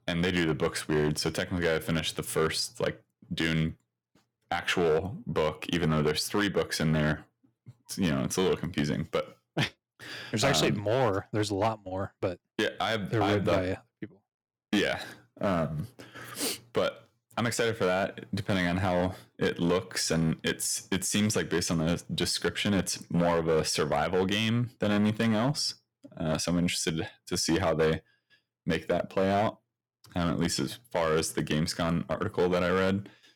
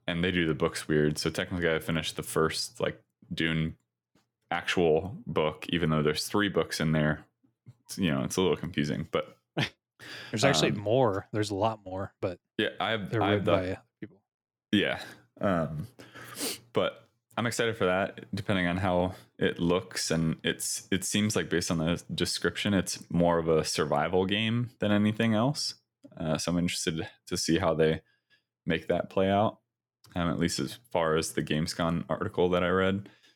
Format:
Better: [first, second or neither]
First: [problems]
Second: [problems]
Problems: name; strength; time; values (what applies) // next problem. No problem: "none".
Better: second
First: distortion; slight; 5% of the sound clipped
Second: none